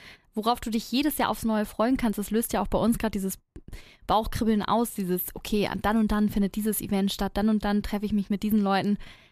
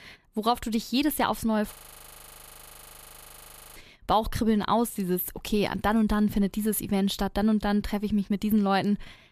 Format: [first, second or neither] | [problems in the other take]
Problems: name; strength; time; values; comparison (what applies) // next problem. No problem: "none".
first | audio freezing; at 1.5 s for 2 s